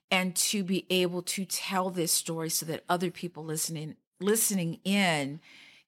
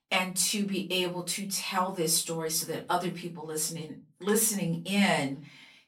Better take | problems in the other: first | off-mic speech; far // room echo; very slight; dies away in 0.2 s

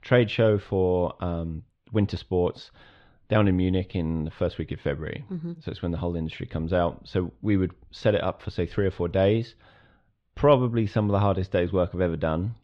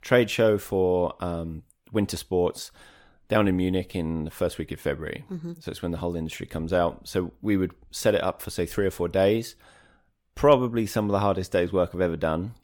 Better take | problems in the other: second | muffled; slightly; fading above 4 kHz

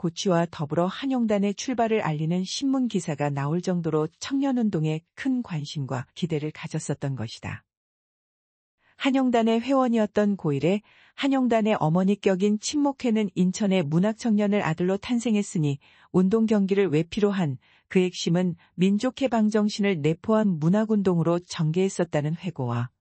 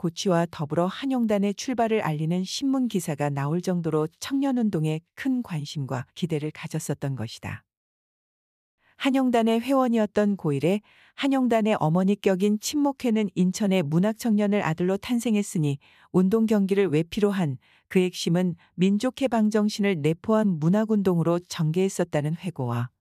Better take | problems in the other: second | garbled, watery; slightly; nothing above 8 kHz

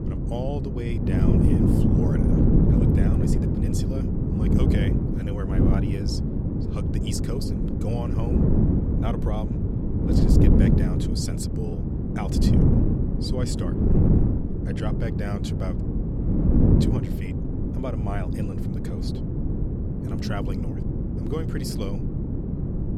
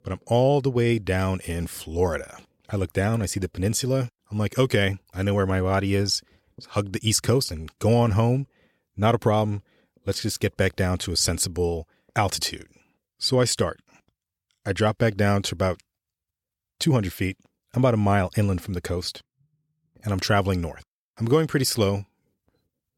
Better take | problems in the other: second | wind noise on the microphone; heavy; 5 dB above the speech

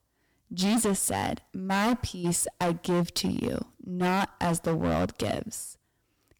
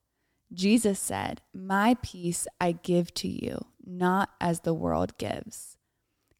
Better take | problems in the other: second | distortion; heavy; 12% of the sound clipped

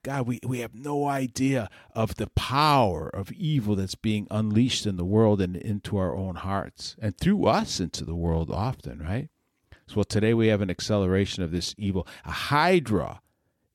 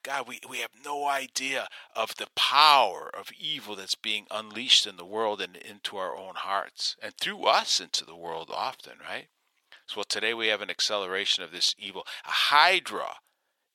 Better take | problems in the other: first | thin; very; fading below 900 Hz

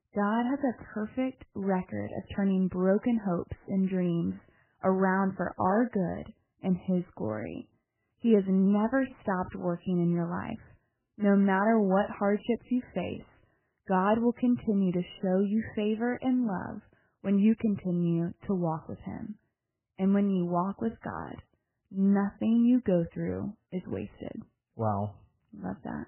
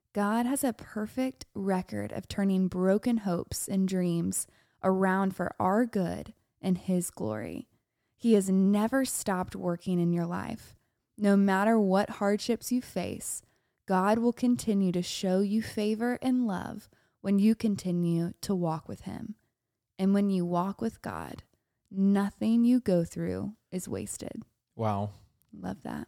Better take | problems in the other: second | garbled, watery; badly; nothing above 3 kHz

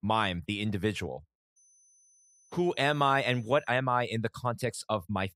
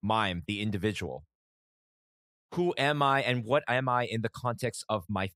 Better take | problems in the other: second | high-pitched whine; faint; from 1.5 to 3.5 s; 6 kHz, 30 dB below the speech

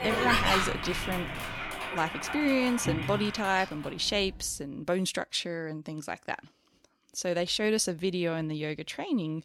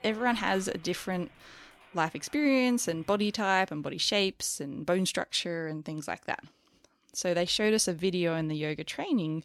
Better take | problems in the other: second | household noises; loud; until 4 s; 1 dB below the speech; faint in the second

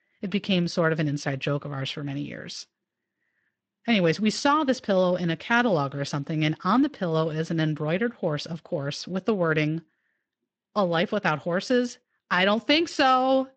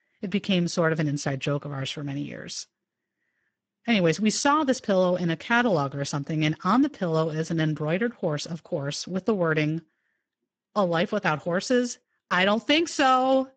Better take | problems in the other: first | garbled, watery; badly; nothing above 8 kHz; slightly in the first

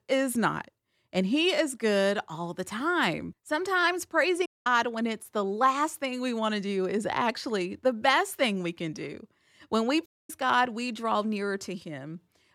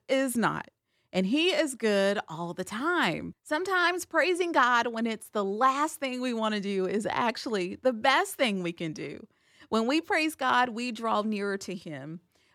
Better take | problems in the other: second | audio cutting out; at 4.5 s and at 10 s

